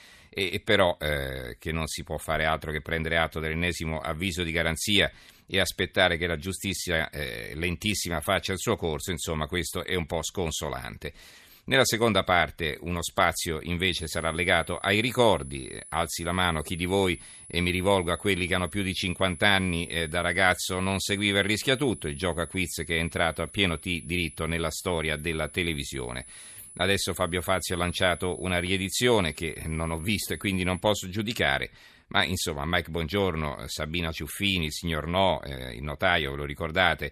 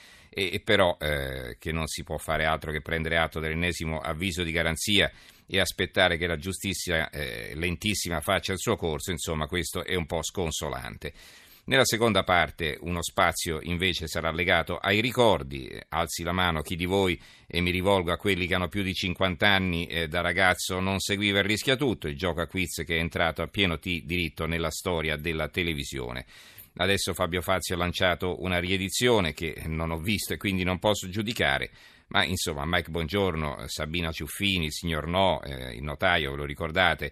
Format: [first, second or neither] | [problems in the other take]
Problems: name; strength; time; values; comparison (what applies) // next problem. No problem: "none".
second | high-pitched whine; noticeable; from 14 to 31 s; 10 kHz, 15 dB below the speech